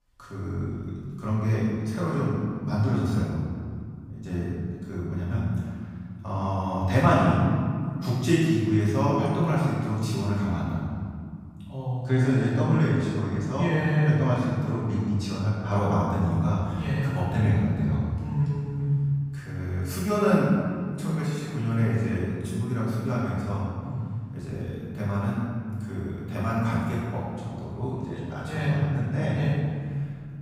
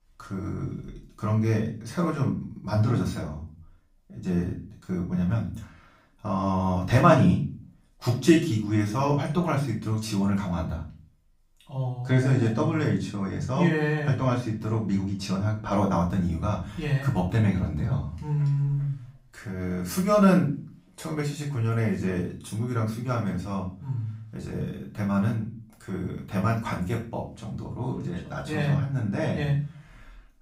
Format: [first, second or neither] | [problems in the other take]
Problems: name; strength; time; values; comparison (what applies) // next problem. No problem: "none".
second | room echo; strong; dies away in 2 s; slight in the second // off-mic speech; far; far in the second